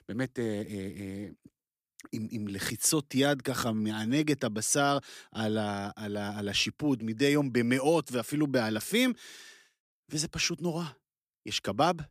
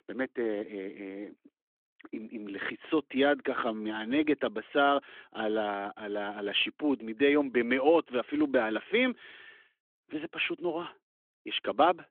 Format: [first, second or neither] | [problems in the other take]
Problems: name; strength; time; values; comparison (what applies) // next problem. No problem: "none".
first | phone-call audio; nothing above 3.5 kHz